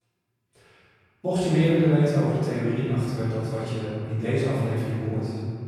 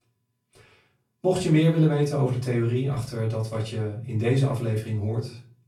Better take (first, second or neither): second